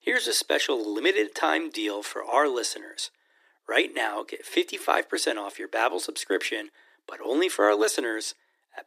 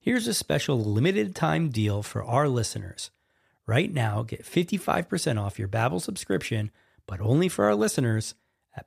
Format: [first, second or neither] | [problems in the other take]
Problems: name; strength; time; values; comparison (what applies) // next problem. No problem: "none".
second | thin; very; fading below 300 Hz